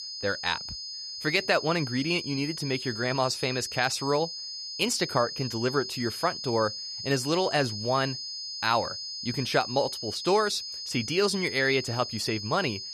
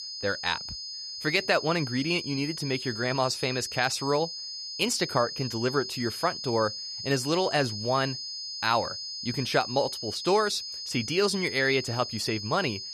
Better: neither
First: high-pitched whine; loud; throughout; 5 kHz, 6 dB below the speech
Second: high-pitched whine; loud; throughout; 5 kHz, 6 dB below the speech

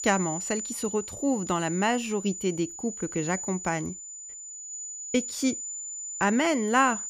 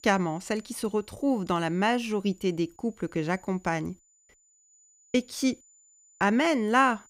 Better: second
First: high-pitched whine; loud; throughout; 7 kHz, 7 dB below the speech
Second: high-pitched whine; faint; throughout; 7 kHz, 30 dB below the speech

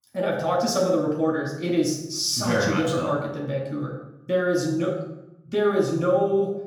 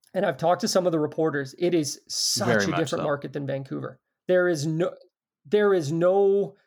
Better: second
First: room echo; noticeable; dies away in 0.7 s // off-mic speech; far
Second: none

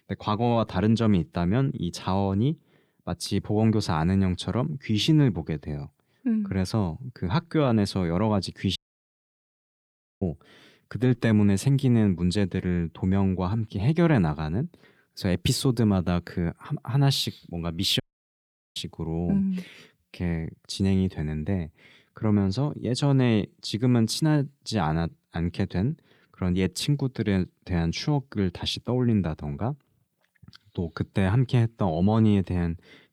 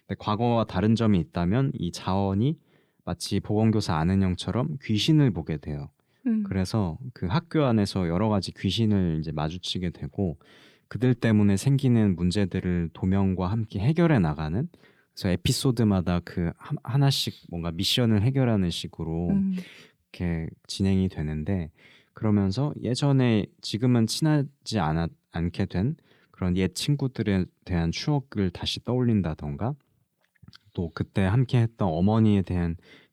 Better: second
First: audio cutting out; at 9 s for 1.5 s and at 18 s for 1 s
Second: none

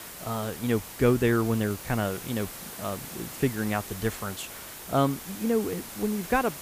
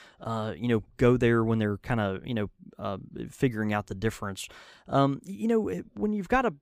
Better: second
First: hiss; noticeable; throughout; 10 dB below the speech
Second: none

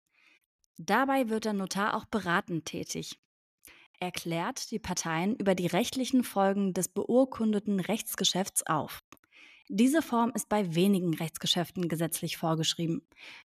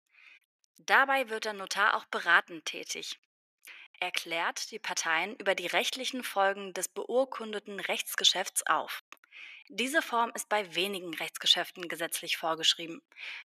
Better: first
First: none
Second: thin; very; fading below 550 Hz

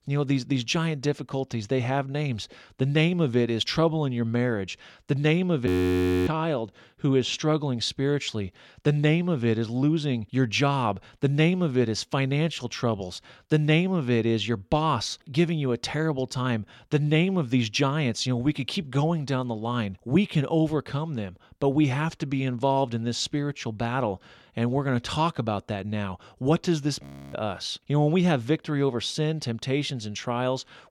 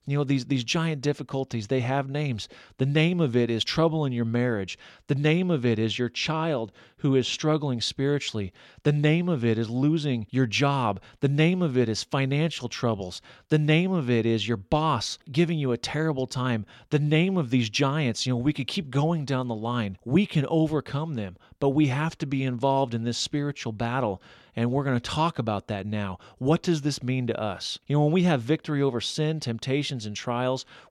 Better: second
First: audio freezing; at 5.5 s for 0.5 s and at 27 s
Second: none

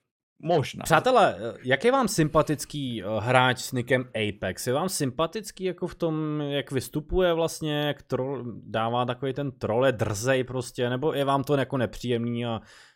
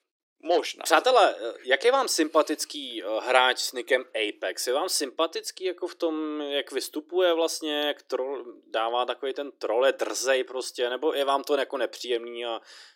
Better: first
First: none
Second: thin; somewhat; fading below 300 Hz

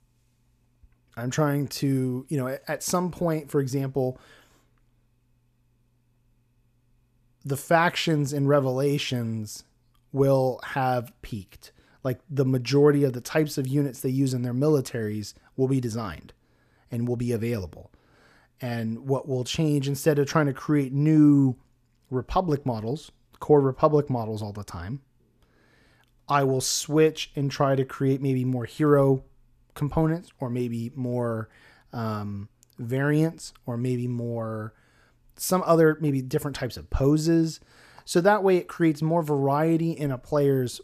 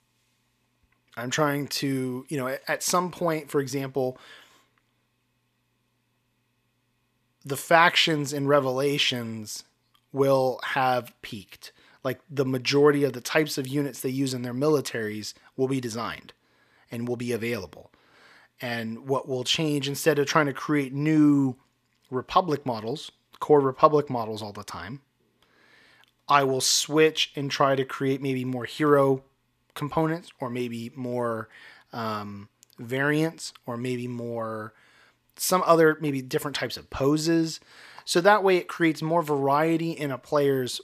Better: first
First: none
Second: thin; very slightly; fading below 300 Hz

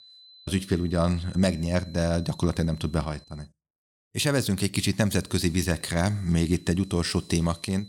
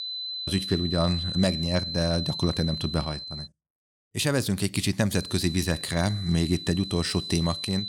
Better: first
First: high-pitched whine; faint; until 3.5 s and from 5 s on; 4 kHz, 25 dB below the speech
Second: high-pitched whine; loud; until 3.5 s and from 5 s on; 4 kHz, 6 dB below the speech

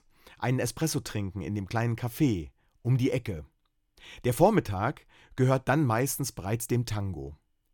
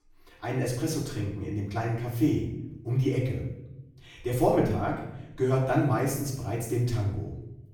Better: first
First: none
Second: off-mic speech; far // room echo; noticeable; dies away in 0.8 s

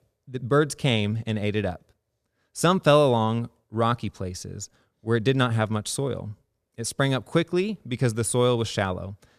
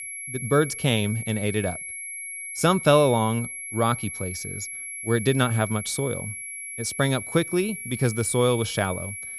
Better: first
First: none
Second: high-pitched whine; loud; throughout; 11 kHz, 8 dB below the speech

